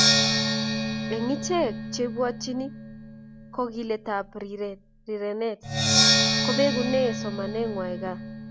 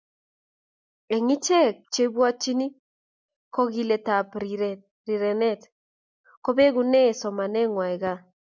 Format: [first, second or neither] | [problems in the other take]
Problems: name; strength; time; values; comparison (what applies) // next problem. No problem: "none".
second | background sound (Percussion); 3 dB above the speech